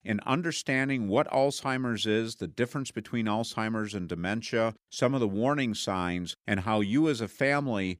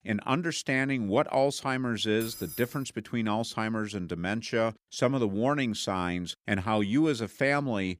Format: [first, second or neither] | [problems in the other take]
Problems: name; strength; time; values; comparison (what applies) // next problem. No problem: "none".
first | jangling keys; faint; at 2 s; peak 10 dB below the speech